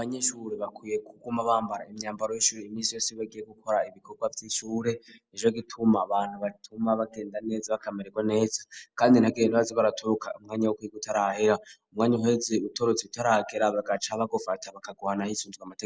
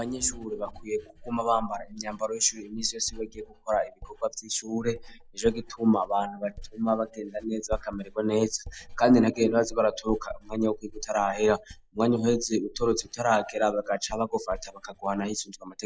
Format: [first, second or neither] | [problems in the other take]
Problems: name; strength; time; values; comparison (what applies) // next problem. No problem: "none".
first | noise reduction (classical method log-MMSE)